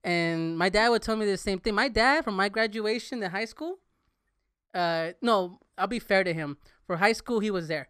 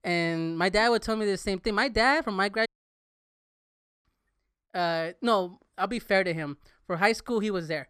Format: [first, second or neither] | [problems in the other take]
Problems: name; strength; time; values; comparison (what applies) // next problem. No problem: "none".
first | audio cutting out; at 2.5 s for 1.5 s